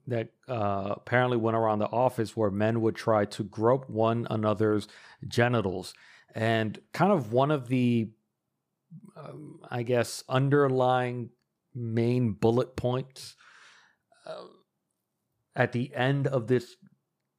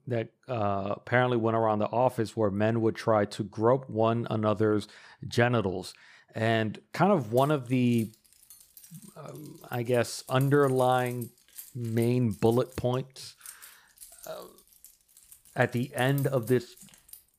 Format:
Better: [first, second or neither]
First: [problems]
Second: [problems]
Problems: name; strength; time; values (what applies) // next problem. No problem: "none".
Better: first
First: none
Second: jangling keys; faint; from 7.5 s on; peak 15 dB below the speech